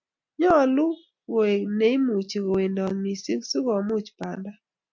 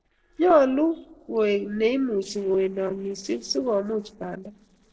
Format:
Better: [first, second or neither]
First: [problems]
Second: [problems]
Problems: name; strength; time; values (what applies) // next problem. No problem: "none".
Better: first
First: none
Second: noise reduction (neural separator model SepFormer DNS4)